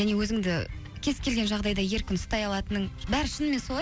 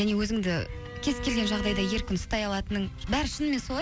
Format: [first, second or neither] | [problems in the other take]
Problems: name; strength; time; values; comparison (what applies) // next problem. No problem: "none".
first | background sound (Bowed string instrument); 12 dB below the speech